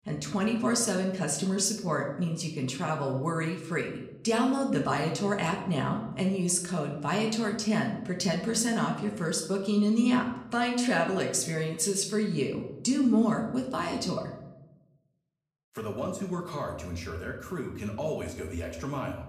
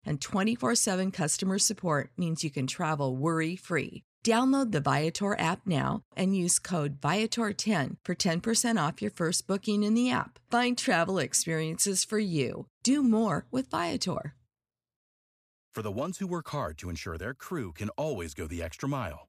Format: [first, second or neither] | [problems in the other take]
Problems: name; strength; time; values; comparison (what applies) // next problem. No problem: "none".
second | room echo; slight; dies away in 0.7 s // off-mic speech; somewhat distant